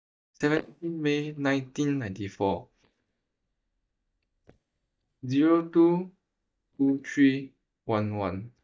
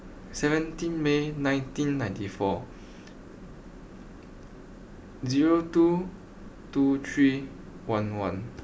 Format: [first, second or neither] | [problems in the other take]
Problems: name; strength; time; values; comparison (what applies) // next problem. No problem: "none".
second | noise reduction (neural mask model DeepFilterNet 3)